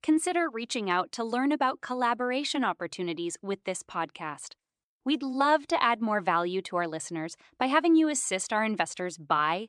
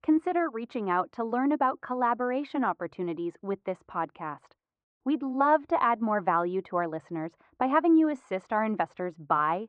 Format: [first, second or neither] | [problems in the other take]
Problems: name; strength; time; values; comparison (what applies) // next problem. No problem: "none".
first | muffled; very; fading above 1 kHz